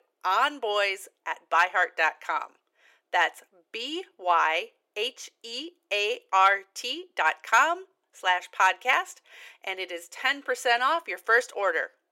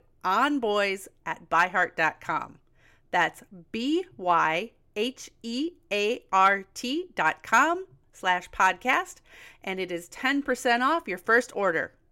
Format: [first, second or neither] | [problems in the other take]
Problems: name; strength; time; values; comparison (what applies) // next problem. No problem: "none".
second | thin; very; fading below 450 Hz